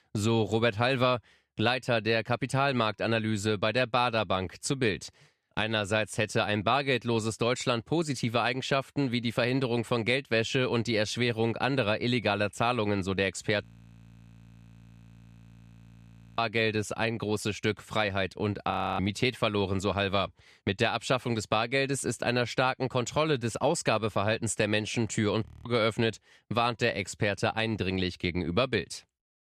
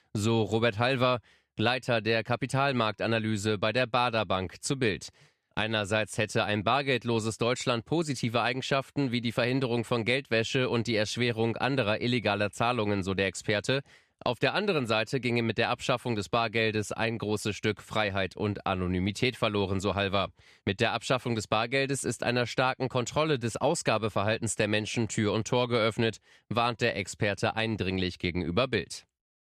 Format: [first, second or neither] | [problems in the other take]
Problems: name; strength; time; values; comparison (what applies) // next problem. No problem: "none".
second | audio freezing; at 14 s for 2.5 s, at 19 s and at 25 s